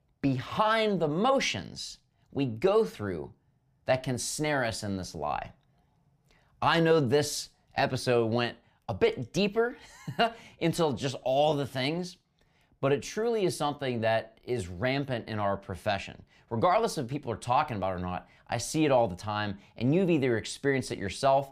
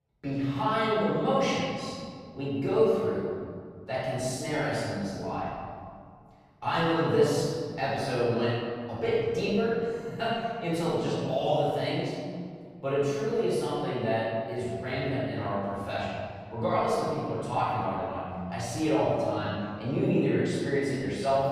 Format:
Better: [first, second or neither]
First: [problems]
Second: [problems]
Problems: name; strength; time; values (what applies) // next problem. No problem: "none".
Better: first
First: none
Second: off-mic speech; far // room echo; strong; dies away in 2 s